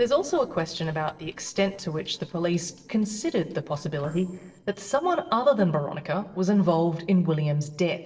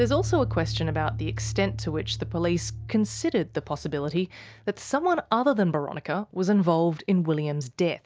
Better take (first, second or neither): second